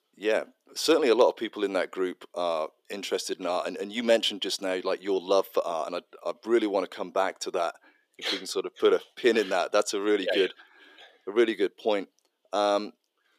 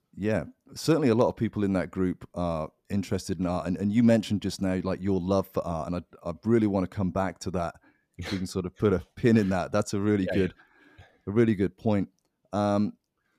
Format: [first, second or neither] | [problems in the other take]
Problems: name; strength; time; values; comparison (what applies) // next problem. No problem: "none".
second | thin; very; fading below 400 Hz